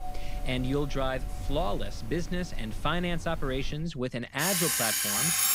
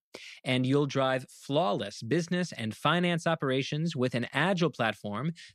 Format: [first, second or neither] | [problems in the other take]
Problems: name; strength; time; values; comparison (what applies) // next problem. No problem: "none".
second | alarms or sirens; very loud; throughout; 3 dB above the speech